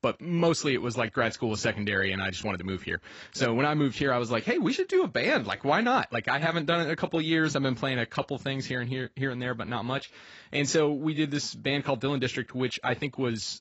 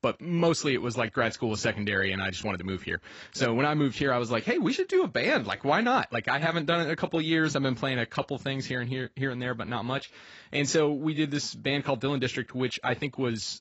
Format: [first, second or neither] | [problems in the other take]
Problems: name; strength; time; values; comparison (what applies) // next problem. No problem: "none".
neither | garbled, watery; badly; nothing above 7.5 kHz; the same in both